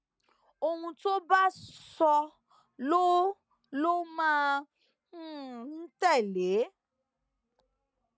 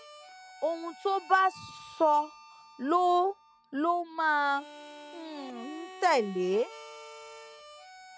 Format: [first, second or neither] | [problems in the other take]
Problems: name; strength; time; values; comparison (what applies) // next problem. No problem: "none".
first | background sound (Harmonica); 18 dB below the speech